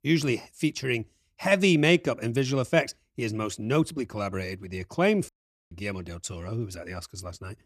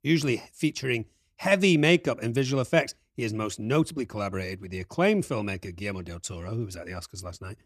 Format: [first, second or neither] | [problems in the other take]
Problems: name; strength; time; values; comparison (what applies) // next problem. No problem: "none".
second | audio cutting out; at 5.5 s